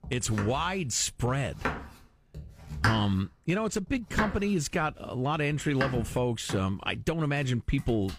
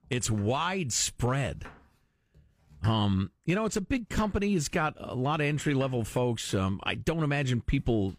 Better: second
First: household noises; loud; throughout; 7 dB below the speech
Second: household noises; faint; throughout; 25 dB below the speech

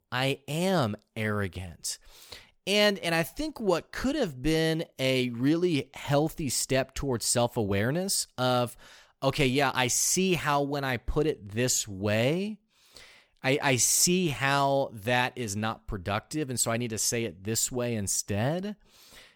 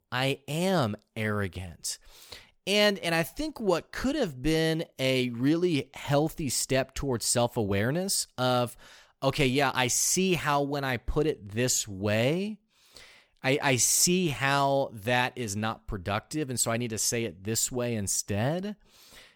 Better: neither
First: none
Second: none

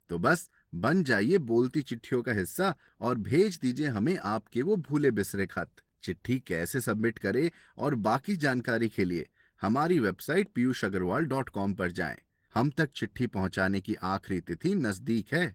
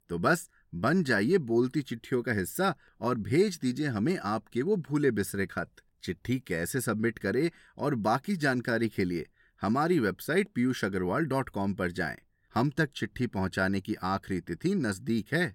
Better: second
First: garbled, watery; slightly; nothing above 16.5 kHz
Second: none

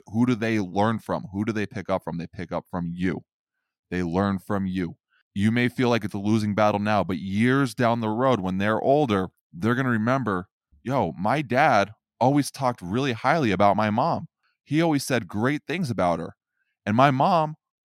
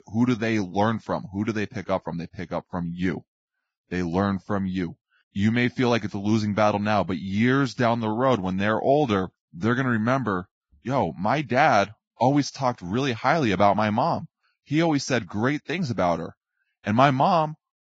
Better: first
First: none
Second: garbled, watery; badly

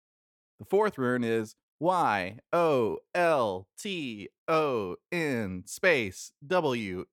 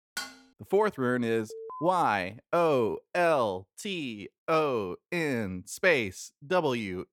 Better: first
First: none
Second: clattering dishes; noticeable; at the start; peak 10 dB below the speech // alarm; faint; at 1.5 s; peak 15 dB below the speech

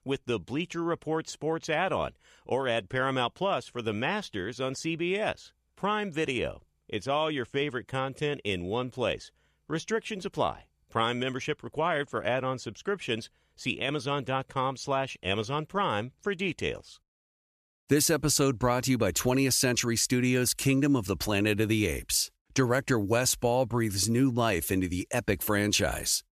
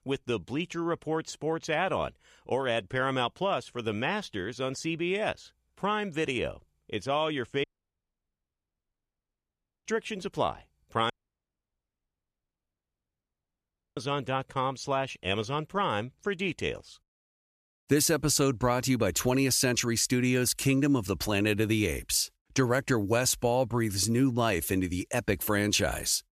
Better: first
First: none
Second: audio cutting out; at 7.5 s for 2 s and at 11 s for 3 s

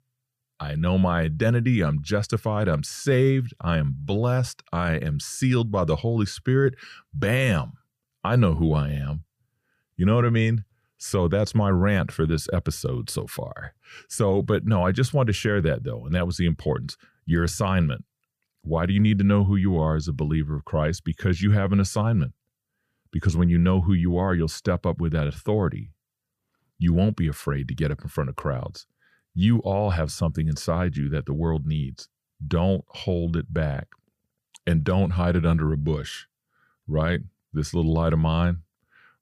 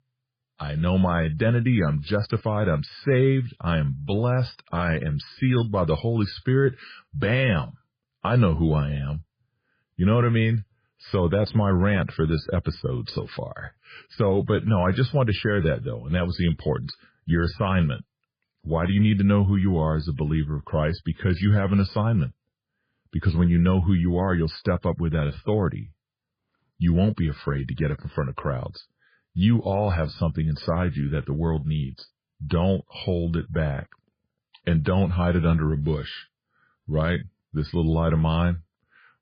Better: first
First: none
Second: garbled, watery; badly; nothing above 4.5 kHz

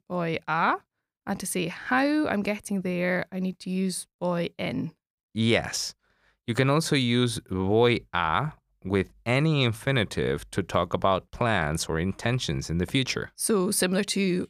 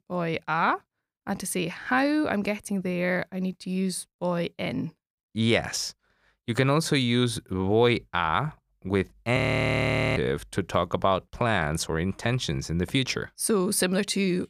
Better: first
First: none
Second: audio freezing; at 9.5 s for 1 s

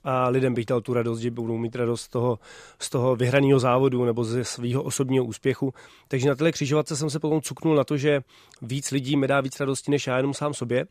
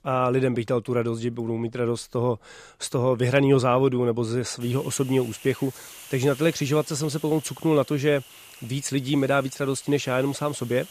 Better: first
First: none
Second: hiss; noticeable; from 4.5 s on; 20 dB below the speech

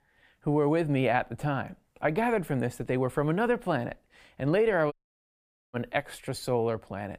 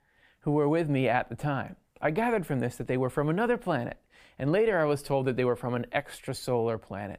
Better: second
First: audio cutting out; at 5 s for 1 s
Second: none

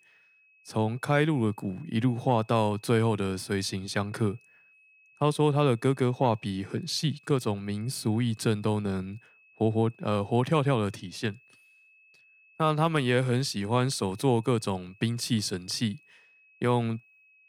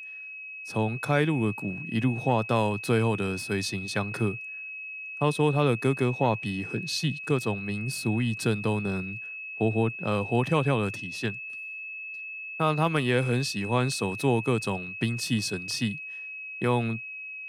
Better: first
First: high-pitched whine; faint; throughout; 2.5 kHz, 30 dB below the speech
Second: high-pitched whine; loud; throughout; 2.5 kHz, 8 dB below the speech

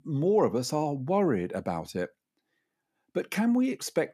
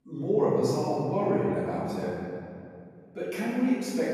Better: first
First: none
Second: room echo; strong; dies away in 2.3 s // off-mic speech; far

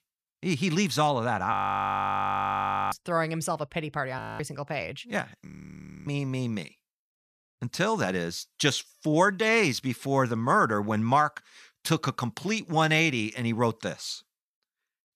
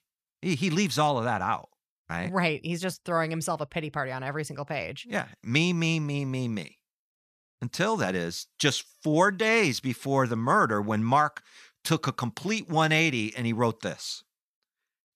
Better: second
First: audio freezing; at 1.5 s for 1.5 s, at 4 s and at 5.5 s for 0.5 s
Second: none

